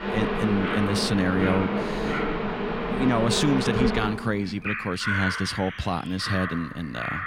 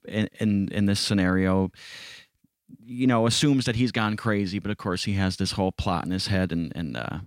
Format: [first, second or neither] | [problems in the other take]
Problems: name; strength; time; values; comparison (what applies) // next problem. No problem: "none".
second | animal sounds; loud; throughout; 2 dB below the speech